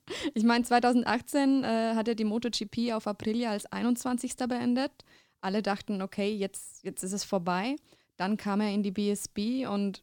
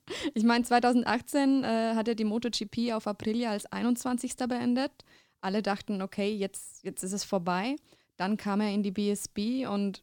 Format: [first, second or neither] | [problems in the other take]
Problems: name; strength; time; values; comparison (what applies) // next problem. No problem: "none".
neither | none